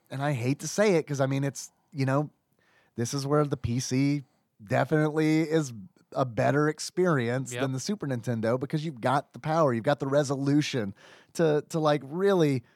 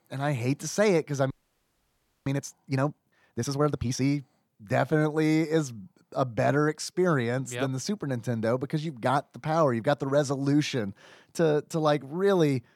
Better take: first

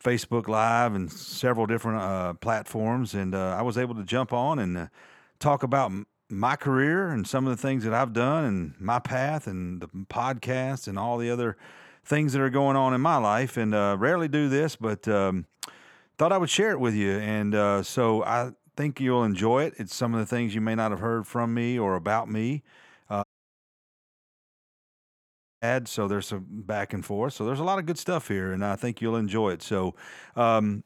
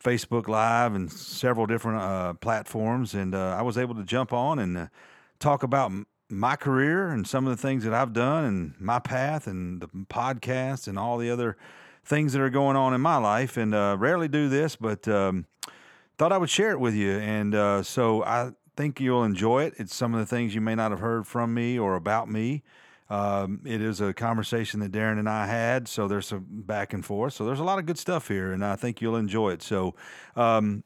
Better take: second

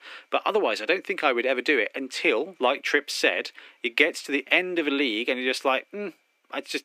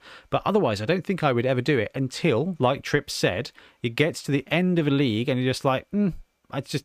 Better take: second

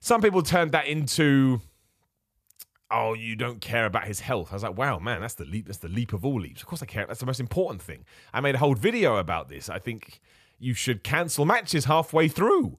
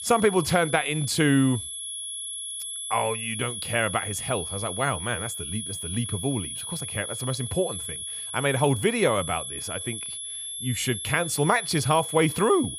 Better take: first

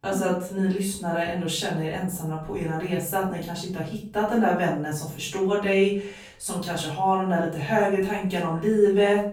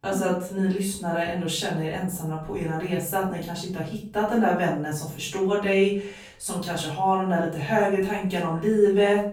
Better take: neither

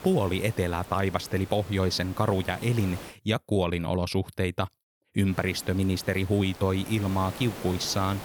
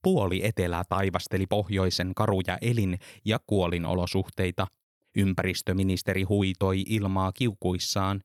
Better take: second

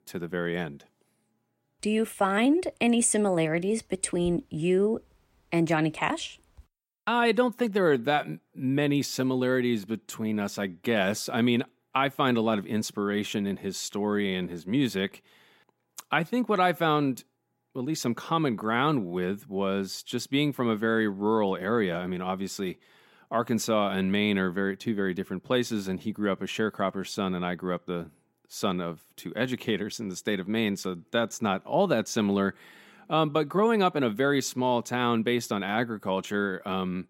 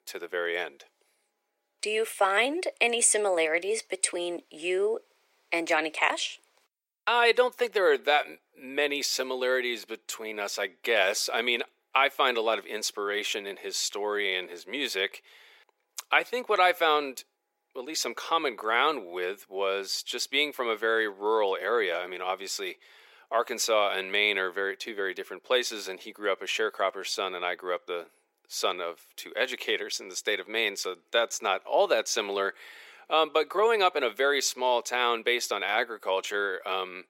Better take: first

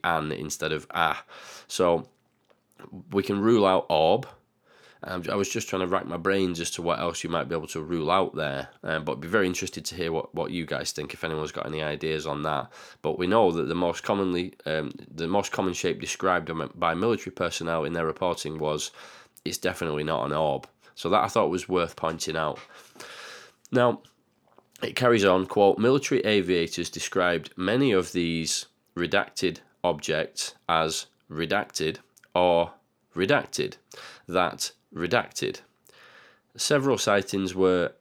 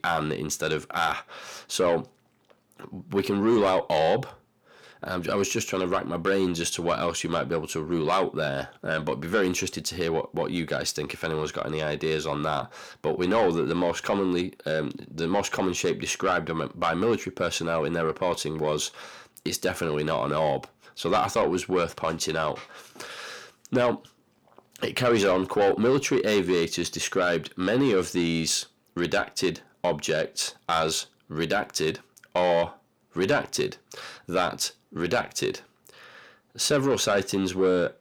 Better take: first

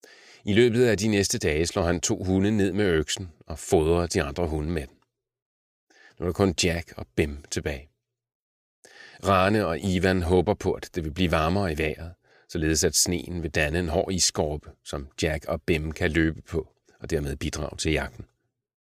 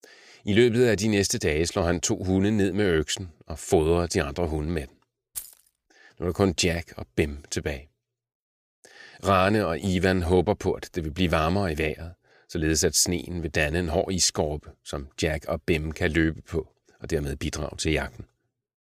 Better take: first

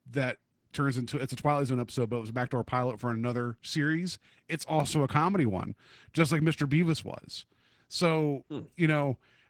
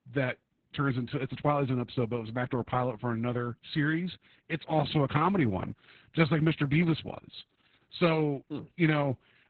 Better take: first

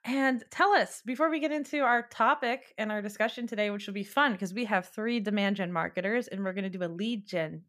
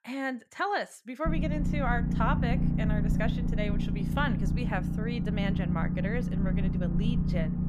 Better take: first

